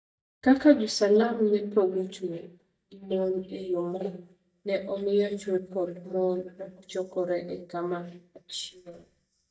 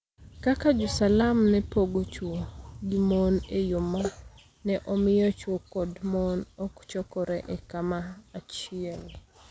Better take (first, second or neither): second